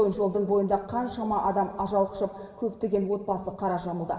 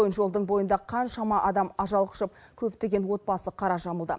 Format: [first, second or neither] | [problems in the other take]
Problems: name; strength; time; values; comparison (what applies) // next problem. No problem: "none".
second | room echo; dies away in 1.6 s